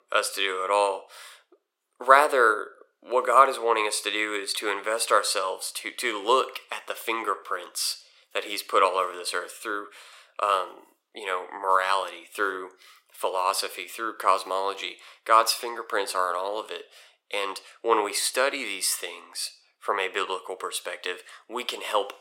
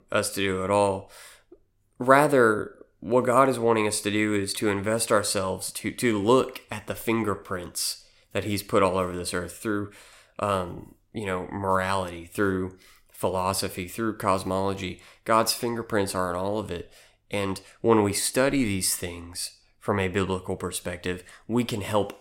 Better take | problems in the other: second | thin; very; fading below 400 Hz

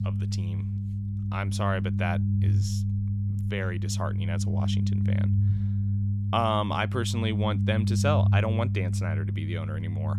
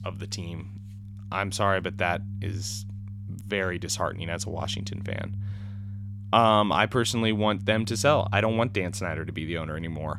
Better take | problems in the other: second | low rumble; loud; throughout; 9 dB below the speech; faint in the second

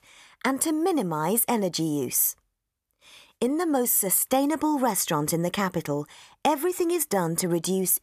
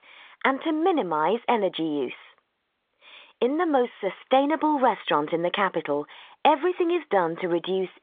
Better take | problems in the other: first | phone-call audio; nothing above 3.5 kHz

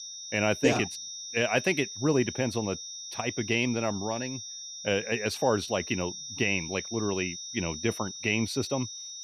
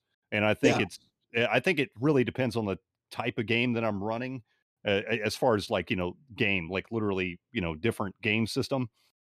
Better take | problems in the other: second | high-pitched whine; loud; throughout; 6 kHz, 8 dB below the speech

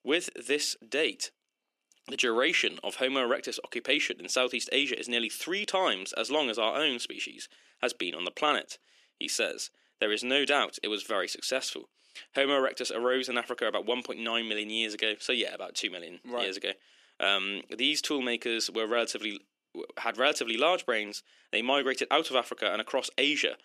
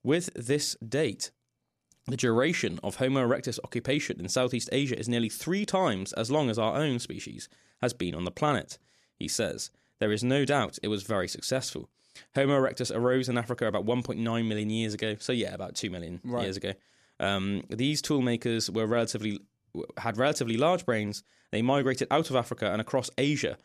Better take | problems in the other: second | thin; somewhat; fading below 300 Hz

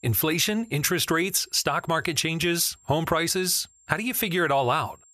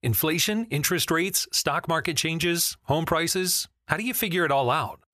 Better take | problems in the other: second | high-pitched whine; faint; throughout; 7.5 kHz, 30 dB below the speech

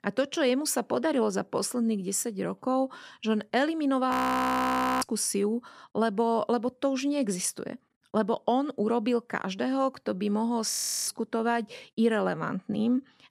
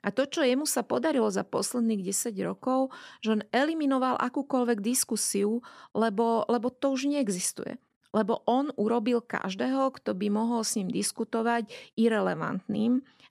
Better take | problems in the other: second | audio freezing; at 4 s for 1 s and at 11 s

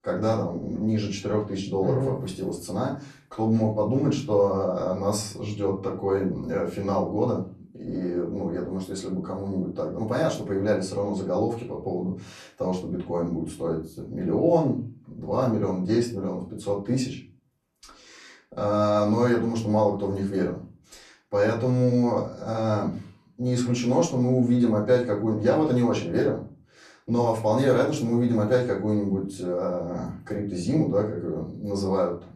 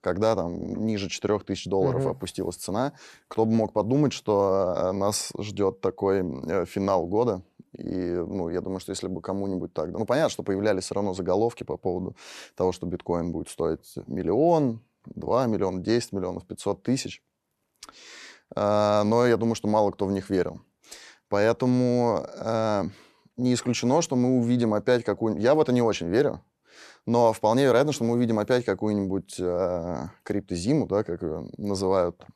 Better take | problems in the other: second | off-mic speech; far // room echo; slight; dies away in 0.4 s

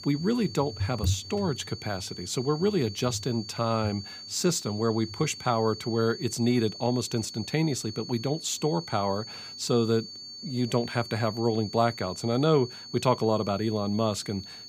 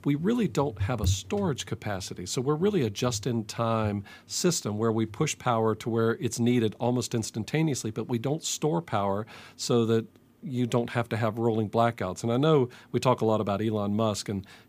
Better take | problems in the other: second | high-pitched whine; noticeable; throughout; 4.5 kHz, 10 dB below the speech

